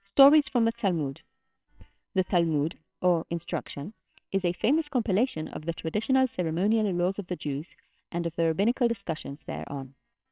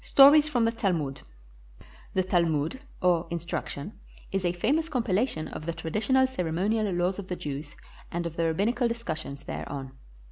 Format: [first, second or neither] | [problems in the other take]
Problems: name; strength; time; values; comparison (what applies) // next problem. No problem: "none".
second | noise reduction (neural separator model SepFormer WHAMR!)